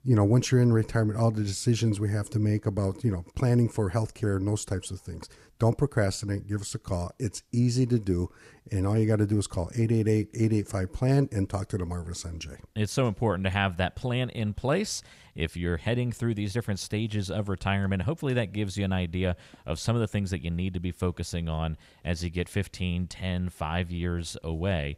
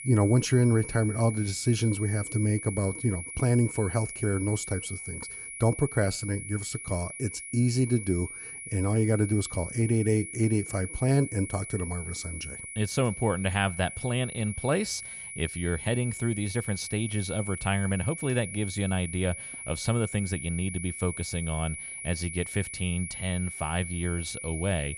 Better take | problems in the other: first | high-pitched whine; loud; throughout; 2 kHz, 8 dB below the speech

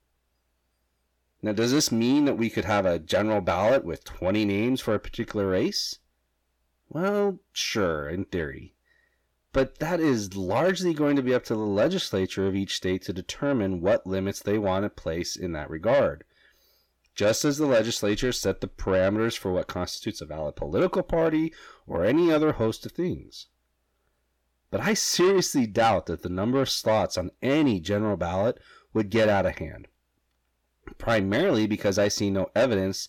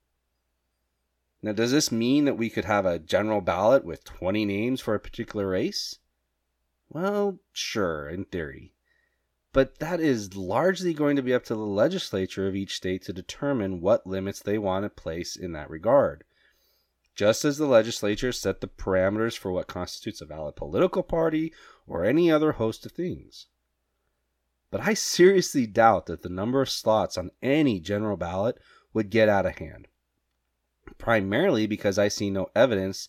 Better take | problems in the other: second | distortion; slight; 10 dB below the speech

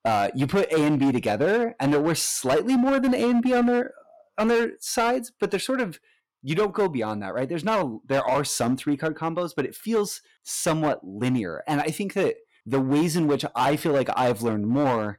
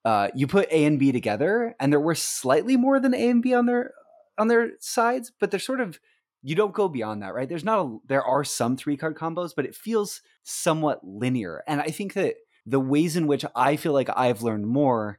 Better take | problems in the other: second | distortion; slight; 11% of the sound clipped

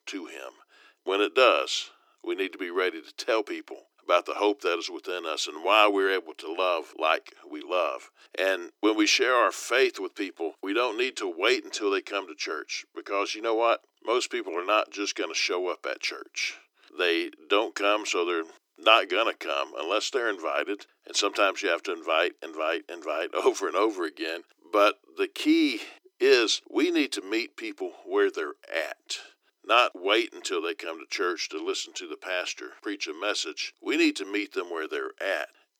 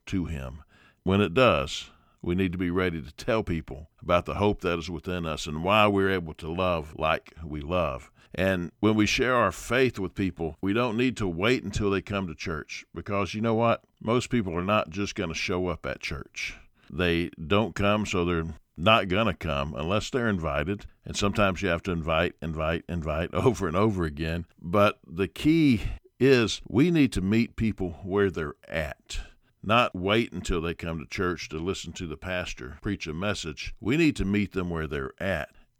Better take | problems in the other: second | thin; somewhat; fading below 300 Hz

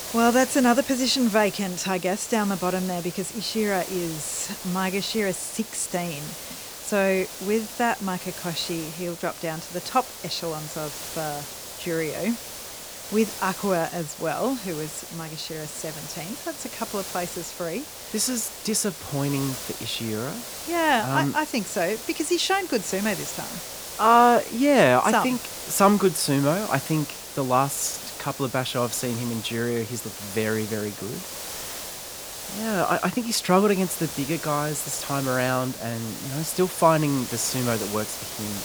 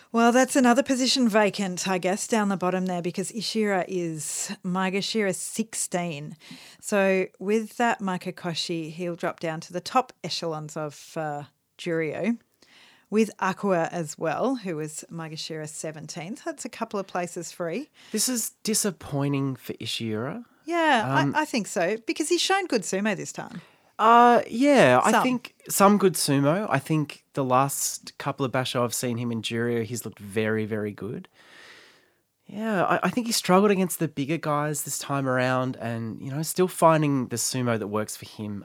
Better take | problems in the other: second | hiss; loud; throughout; 9 dB below the speech

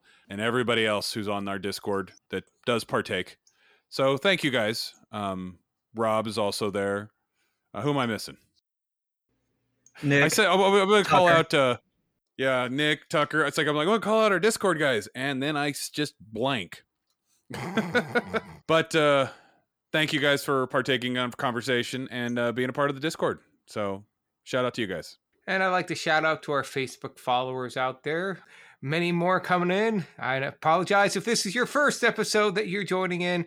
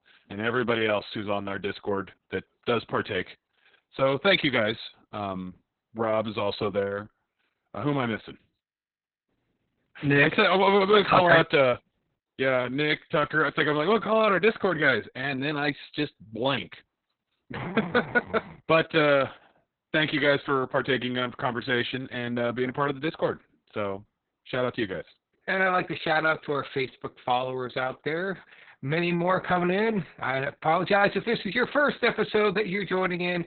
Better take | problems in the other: first | garbled, watery; badly; nothing above 4 kHz

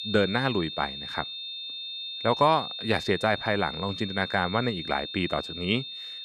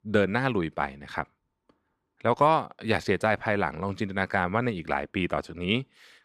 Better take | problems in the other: second | high-pitched whine; loud; throughout; 3.5 kHz, 7 dB below the speech

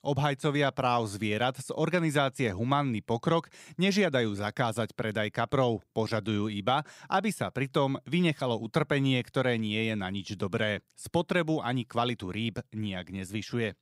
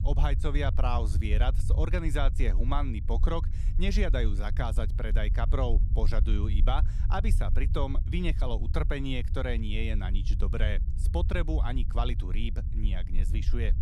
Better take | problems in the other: first | low rumble; noticeable; throughout; 15 dB below the speech

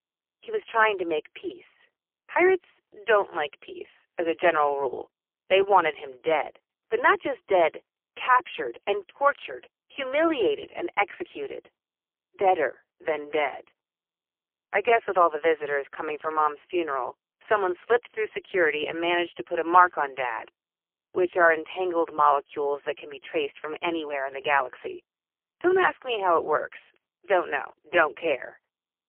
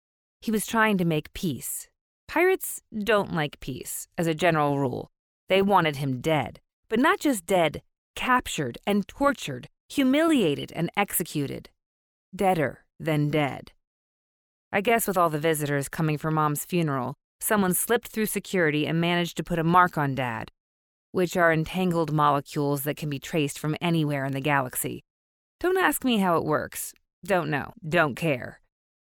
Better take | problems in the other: second | phone-call audio; poor line; nothing above 3 kHz

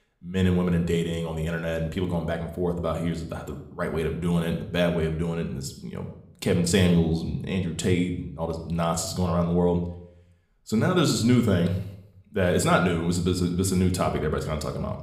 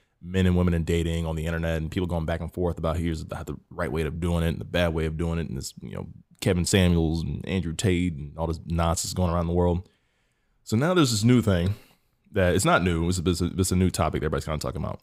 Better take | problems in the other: second | room echo; slight; dies away in 0.6 s

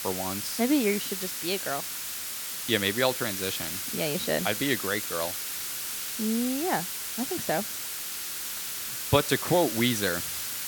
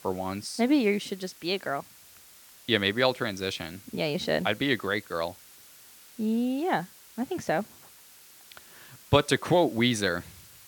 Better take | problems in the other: second | hiss; loud; throughout; 3 dB below the speech; faint in the second

